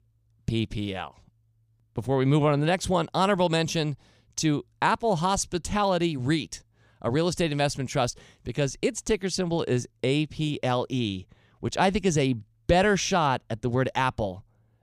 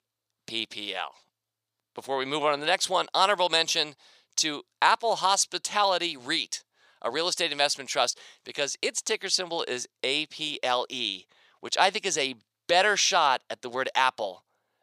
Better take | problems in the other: first | thin; very; fading below 650 Hz

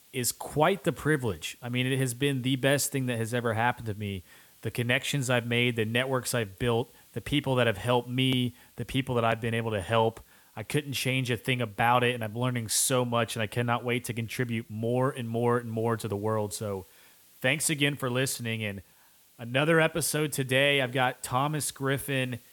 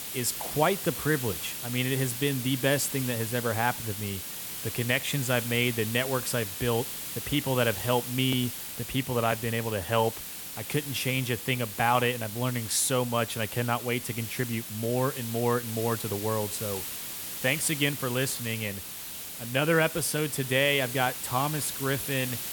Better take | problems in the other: first | hiss; loud; throughout; 6 dB below the speech; faint in the first

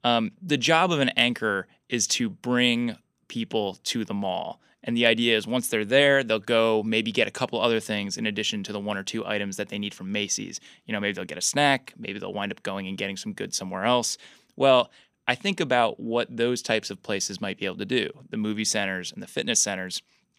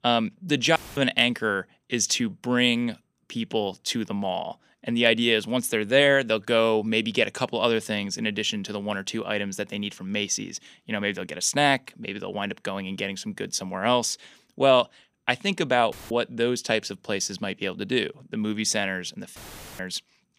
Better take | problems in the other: first | audio cutting out; filled with static; at 1 s, at 16 s and at 19 s

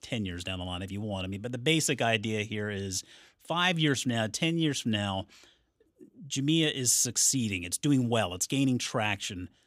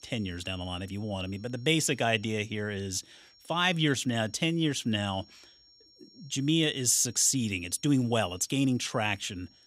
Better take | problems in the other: first | high-pitched whine; faint; throughout; 5.5 kHz, 30 dB below the speech

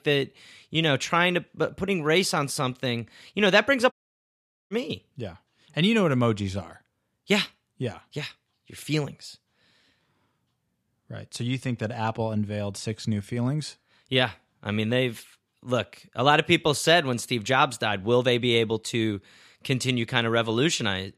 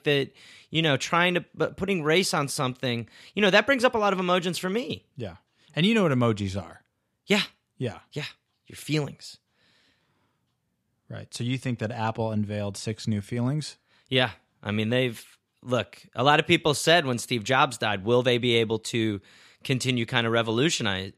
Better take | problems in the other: second | audio cutting out; at 4 s for 1 s

